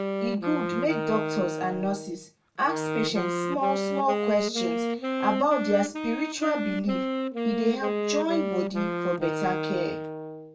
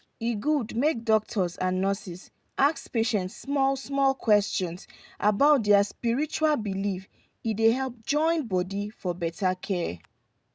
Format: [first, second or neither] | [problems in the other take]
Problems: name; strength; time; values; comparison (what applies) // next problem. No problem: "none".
second | background sound (Wind instrument, woodwind instrument); 1 dB below the speech // room echo; dies away in 0.2 s